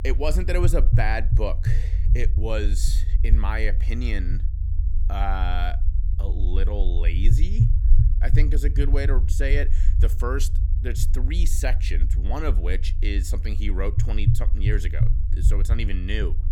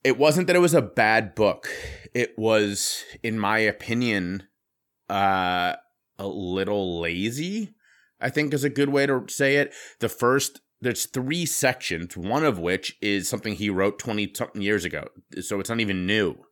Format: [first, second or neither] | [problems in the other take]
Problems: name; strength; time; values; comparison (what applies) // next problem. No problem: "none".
second | low rumble; loud; throughout; 9 dB below the speech